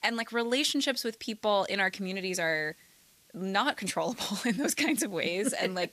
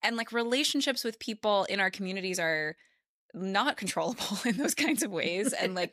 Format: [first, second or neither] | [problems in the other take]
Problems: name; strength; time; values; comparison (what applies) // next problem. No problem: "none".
second | hiss; faint; throughout; 30 dB below the speech